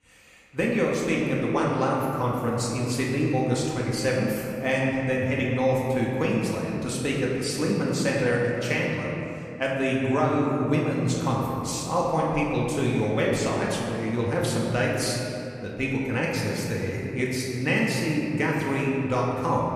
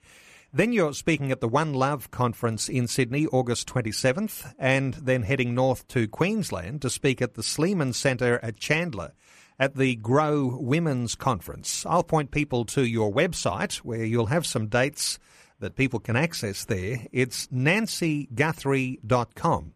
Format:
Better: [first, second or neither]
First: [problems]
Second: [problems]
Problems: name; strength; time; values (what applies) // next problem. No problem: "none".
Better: second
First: off-mic speech; far // room echo; noticeable; dies away in 2.5 s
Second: none